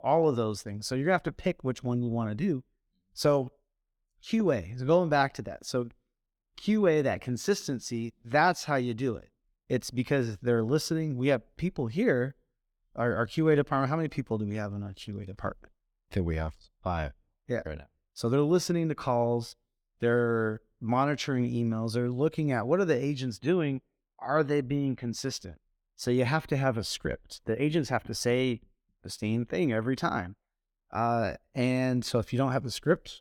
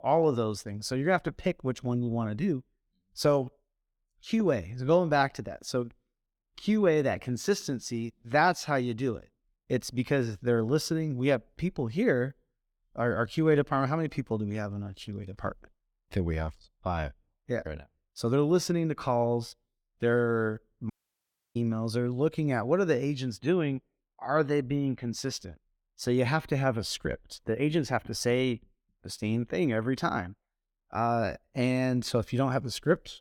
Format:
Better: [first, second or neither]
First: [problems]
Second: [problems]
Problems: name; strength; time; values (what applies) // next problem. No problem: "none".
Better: first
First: none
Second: audio cutting out; at 21 s for 0.5 s